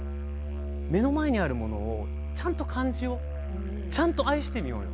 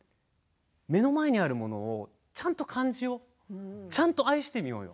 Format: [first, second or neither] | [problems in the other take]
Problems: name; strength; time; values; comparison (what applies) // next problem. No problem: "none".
second | background sound (Musical instrument); 2 dB below the speech